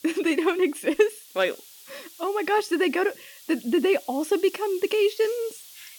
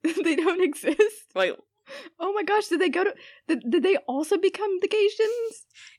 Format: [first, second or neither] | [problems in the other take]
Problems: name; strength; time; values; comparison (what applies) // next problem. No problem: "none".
second | hiss; faint; throughout; 20 dB below the speech